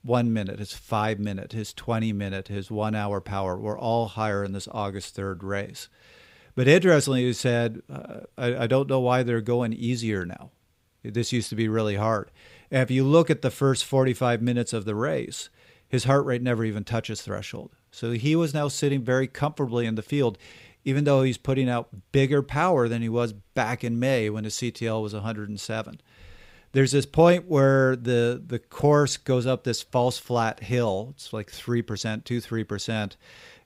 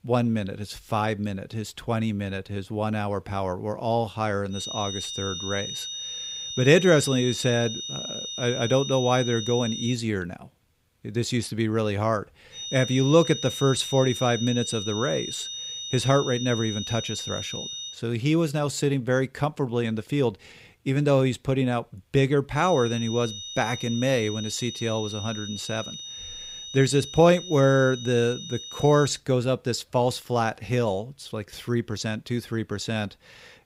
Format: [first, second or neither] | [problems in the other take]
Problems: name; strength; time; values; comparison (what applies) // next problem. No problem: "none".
first | high-pitched whine; loud; from 4.5 to 10 s, from 13 to 18 s and from 23 to 29 s; 3.5 kHz, 8 dB below the speech